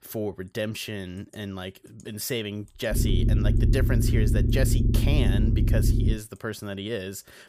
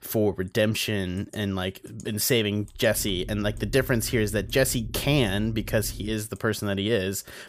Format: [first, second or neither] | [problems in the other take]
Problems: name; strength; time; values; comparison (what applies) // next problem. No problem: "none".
second | low rumble; loud; from 3 to 6 s; 3 dB below the speech; faint in the second